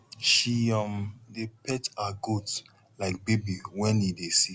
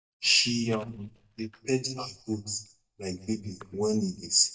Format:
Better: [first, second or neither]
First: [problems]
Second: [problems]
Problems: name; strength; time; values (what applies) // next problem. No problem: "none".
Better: first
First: none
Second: noise reduction (neural mask model DeepFilterNet 3)